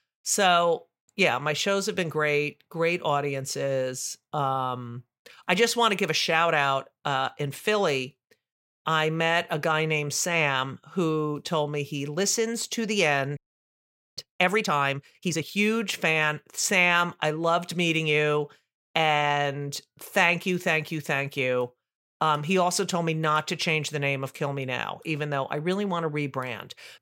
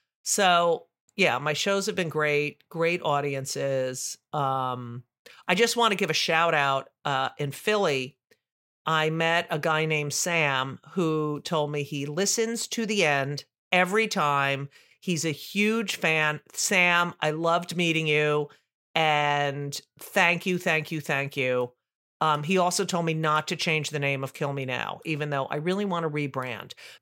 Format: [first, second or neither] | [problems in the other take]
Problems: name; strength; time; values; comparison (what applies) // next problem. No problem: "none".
second | audio freezing; at 13 s for 1 s